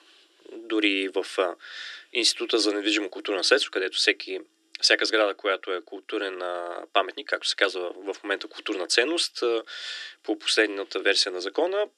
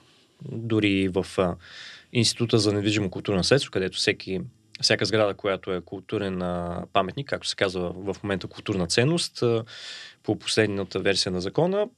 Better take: second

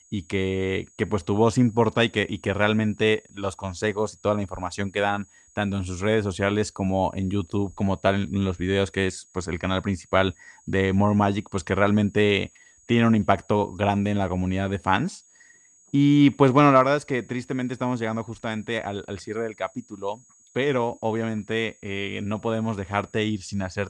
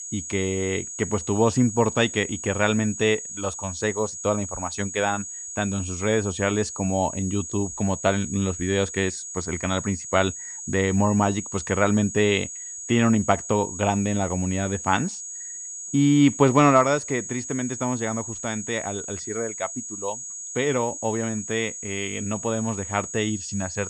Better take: first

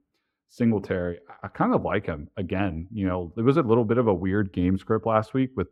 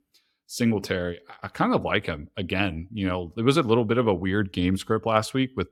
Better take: second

